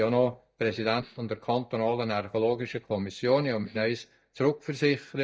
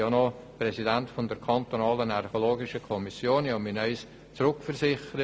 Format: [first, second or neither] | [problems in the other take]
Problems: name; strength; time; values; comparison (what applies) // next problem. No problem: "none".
second | noise reduction (neural mask model DeepFilterNet 3)